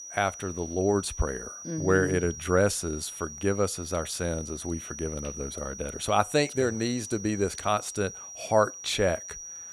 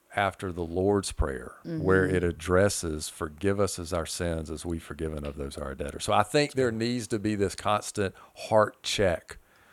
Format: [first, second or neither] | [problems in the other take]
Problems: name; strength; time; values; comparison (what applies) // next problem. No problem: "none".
second | high-pitched whine; noticeable; throughout; 6 kHz, 10 dB below the speech